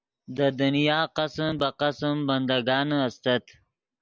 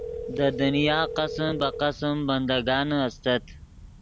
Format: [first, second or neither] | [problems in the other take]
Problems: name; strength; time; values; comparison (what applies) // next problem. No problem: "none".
first | background sound (Telephone); 11 dB below the speech